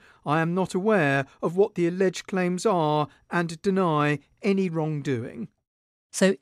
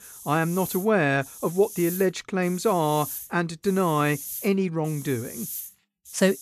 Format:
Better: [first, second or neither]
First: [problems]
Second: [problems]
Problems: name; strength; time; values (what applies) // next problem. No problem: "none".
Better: first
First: none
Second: hiss; noticeable; throughout; 10 dB below the speech